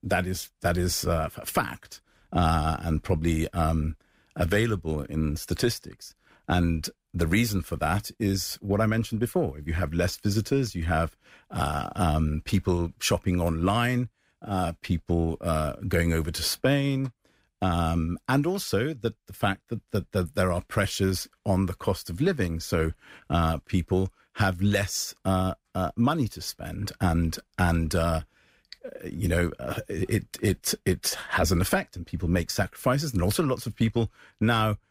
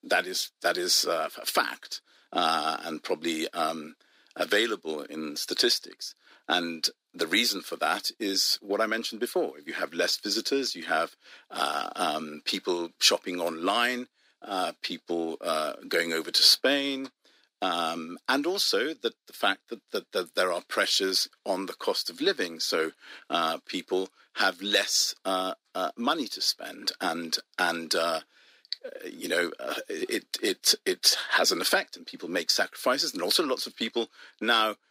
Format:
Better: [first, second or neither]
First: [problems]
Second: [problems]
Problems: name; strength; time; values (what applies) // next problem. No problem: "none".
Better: first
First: none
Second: thin; somewhat; fading below 300 Hz